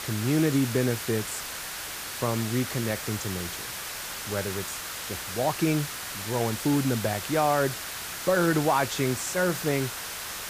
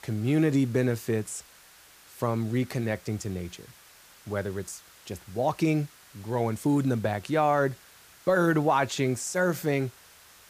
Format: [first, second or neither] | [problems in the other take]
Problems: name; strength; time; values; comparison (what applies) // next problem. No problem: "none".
second | hiss; loud; throughout; 6 dB below the speech; faint in the second